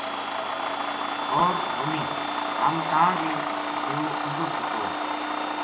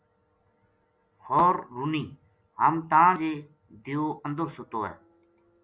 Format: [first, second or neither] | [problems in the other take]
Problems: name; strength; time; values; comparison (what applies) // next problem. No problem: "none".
second | background sound (Domestic sounds, home sounds); 2 dB above the speech // room echo; dies away in 0.7 s